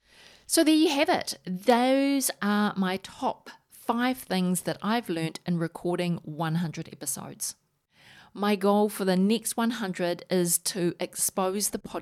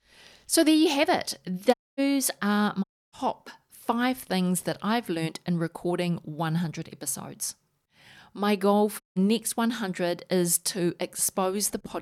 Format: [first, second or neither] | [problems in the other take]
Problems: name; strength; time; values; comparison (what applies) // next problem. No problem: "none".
first | audio cutting out; at 1.5 s, at 3 s and at 9 s